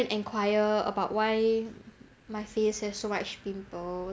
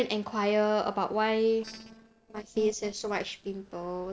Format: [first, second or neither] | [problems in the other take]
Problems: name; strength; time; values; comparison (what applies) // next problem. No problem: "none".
first | noise reduction (neural separator model SepFormer DNS4)